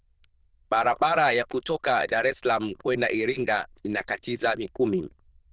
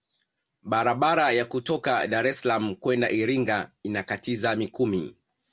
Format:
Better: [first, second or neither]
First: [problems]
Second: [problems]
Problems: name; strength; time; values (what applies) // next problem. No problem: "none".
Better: second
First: noise reduction (neural diffusion model UNIVERSE++)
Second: none